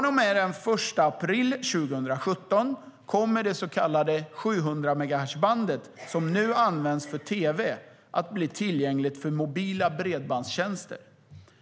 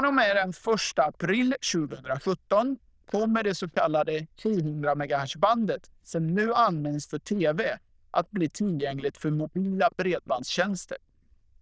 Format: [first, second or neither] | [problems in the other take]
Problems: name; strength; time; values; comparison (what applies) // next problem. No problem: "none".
first | noise reduction (neural diffusion model UNIVERSE++)